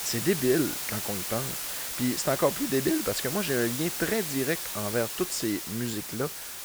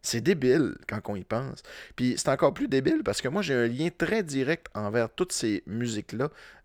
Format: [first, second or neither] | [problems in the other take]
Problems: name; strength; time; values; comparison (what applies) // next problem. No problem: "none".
second | hiss; loud; throughout; 2 dB below the speech